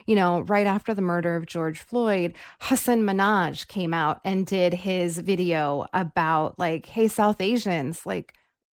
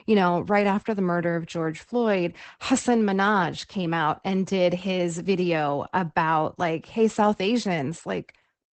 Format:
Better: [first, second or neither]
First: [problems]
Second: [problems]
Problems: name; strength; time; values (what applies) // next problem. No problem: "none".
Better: first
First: garbled, watery; slightly; nothing above 16.5 kHz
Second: garbled, watery; badly; nothing above 8 kHz